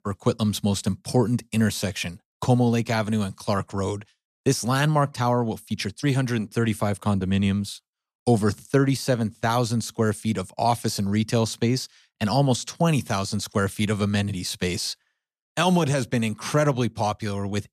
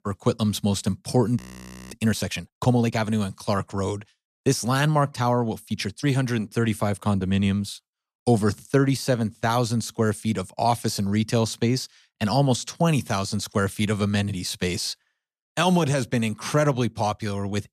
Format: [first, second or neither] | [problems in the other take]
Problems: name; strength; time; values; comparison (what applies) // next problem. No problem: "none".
first | audio freezing; at 1.5 s for 0.5 s